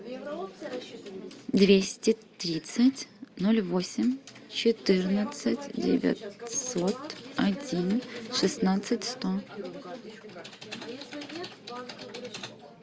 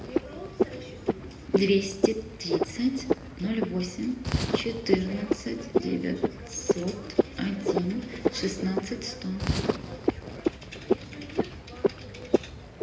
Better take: first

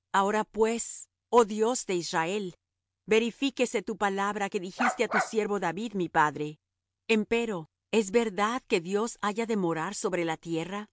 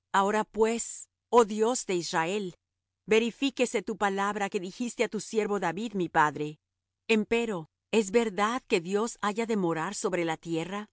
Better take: second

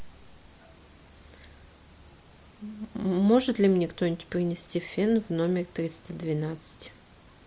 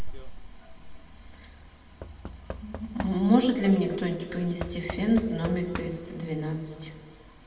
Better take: first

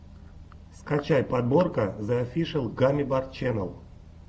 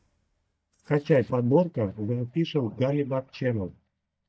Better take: first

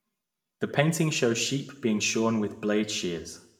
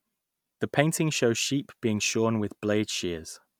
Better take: second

